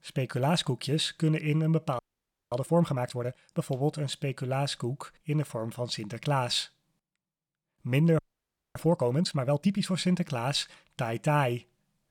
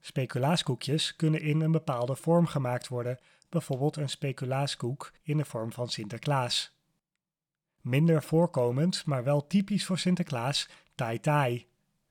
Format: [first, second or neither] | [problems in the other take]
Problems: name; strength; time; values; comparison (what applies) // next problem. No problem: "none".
second | audio freezing; at 2 s for 0.5 s and at 8 s for 0.5 s